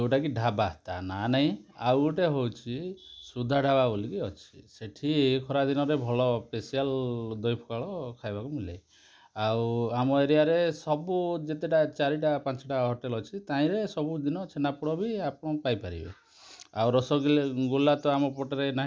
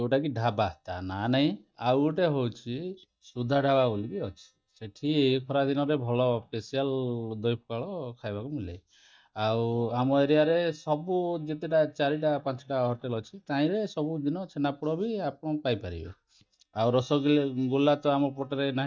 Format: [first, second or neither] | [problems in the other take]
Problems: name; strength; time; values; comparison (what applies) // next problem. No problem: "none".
first | noise reduction (neural mask model DeepFilterNet 3)